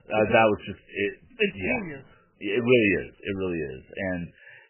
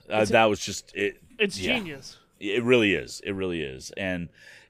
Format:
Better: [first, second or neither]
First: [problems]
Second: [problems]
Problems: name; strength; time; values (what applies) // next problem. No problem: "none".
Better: second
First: garbled, watery; badly; nothing above 3 kHz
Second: none